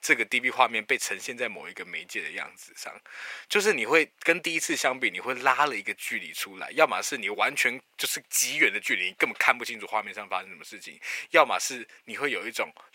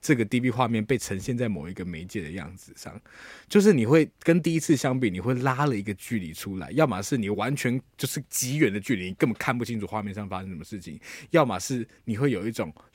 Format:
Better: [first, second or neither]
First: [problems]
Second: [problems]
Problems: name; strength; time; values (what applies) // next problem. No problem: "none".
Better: second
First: thin; very; fading below 750 Hz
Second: none